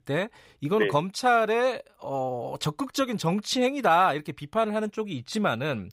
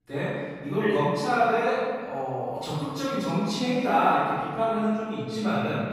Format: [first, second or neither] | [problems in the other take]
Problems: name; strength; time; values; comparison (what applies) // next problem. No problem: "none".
first | room echo; strong; dies away in 1.8 s // off-mic speech; far